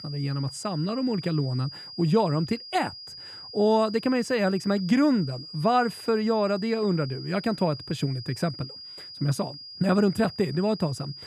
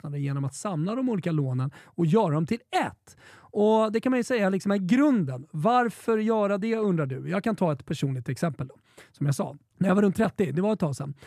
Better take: second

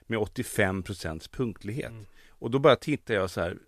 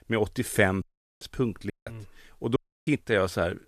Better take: first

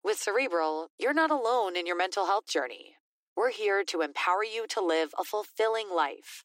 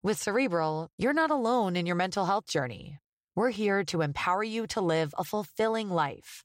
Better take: second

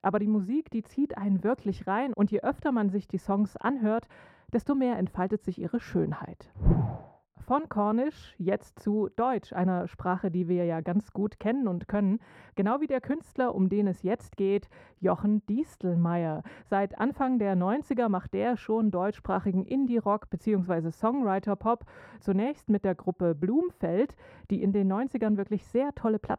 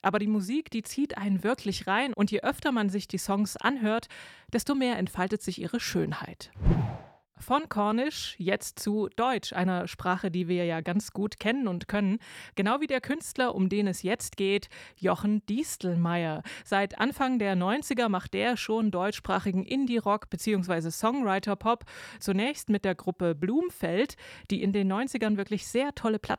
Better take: second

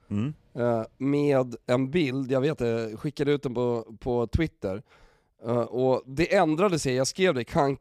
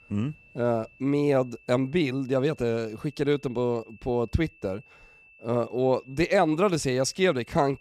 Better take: first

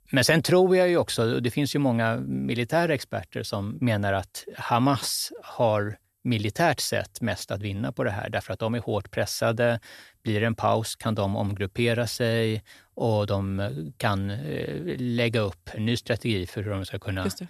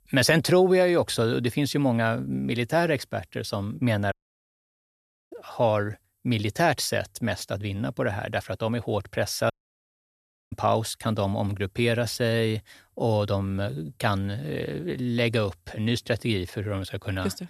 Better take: first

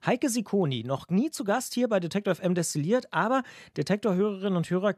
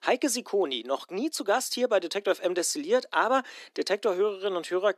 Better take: first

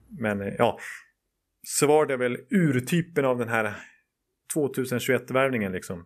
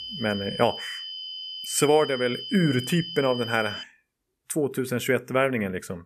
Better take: first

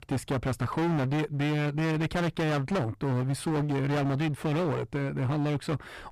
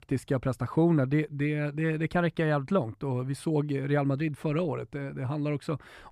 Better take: second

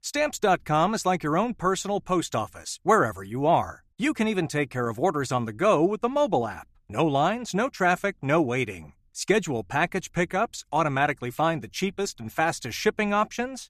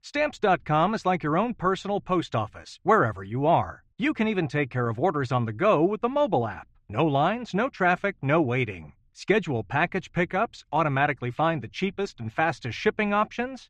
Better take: first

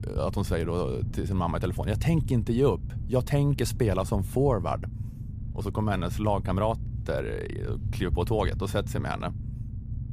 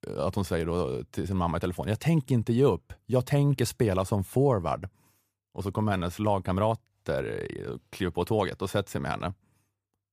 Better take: second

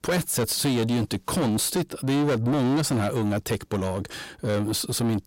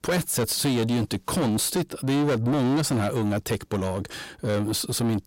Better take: neither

